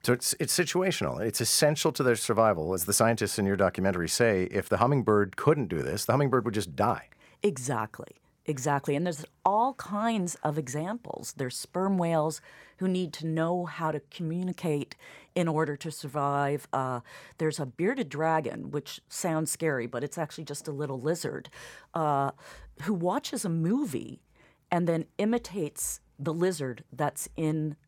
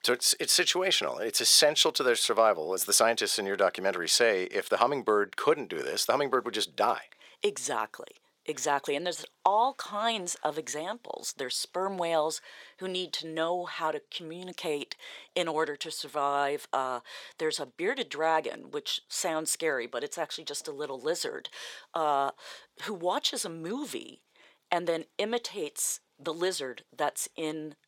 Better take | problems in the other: first | thin; somewhat; fading below 450 Hz

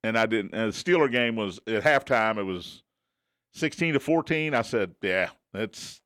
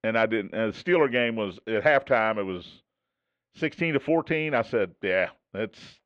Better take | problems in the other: first | muffled; slightly; fading above 2.5 kHz

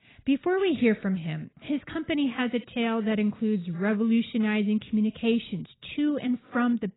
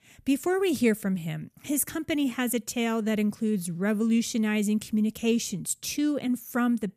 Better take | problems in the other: second | garbled, watery; badly; nothing above 4 kHz

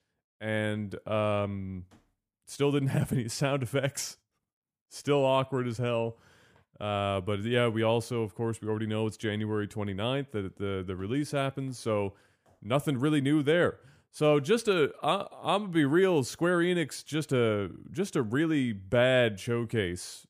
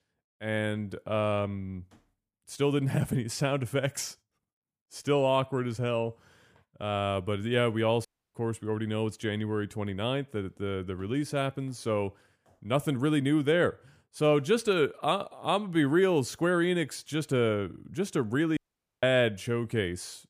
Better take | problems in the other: first | audio cutting out; at 8 s and at 19 s

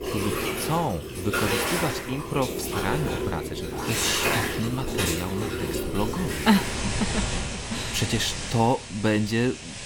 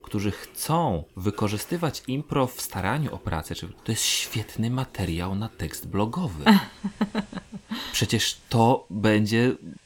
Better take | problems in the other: second | rain or running water; loud; throughout; 1 dB below the speech; faint in the second

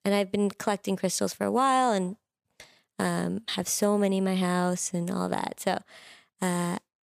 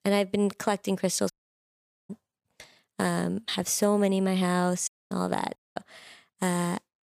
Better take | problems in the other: first | audio cutting out; at 1.5 s for 1 s, at 5 s and at 5.5 s

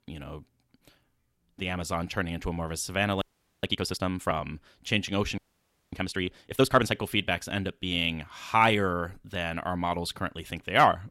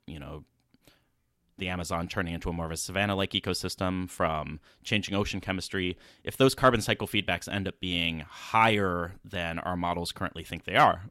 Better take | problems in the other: second | audio freezing; at 3 s and at 5.5 s for 0.5 s

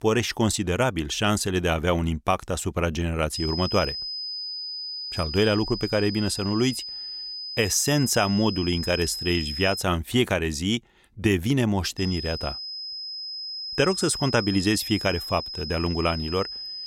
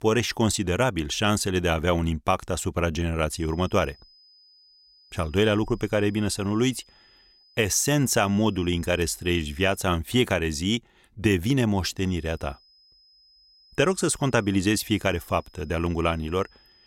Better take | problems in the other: second | high-pitched whine; loud; from 3.5 to 10 s and from 12 s on; 5 kHz, 7 dB below the speech; faint in the second

